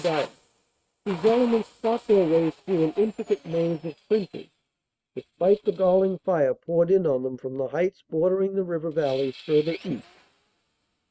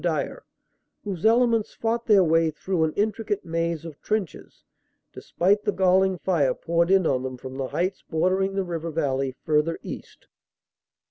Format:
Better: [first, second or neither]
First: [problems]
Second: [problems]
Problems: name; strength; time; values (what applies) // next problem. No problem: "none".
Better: second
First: noise reduction (neural mask model RNNoise)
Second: none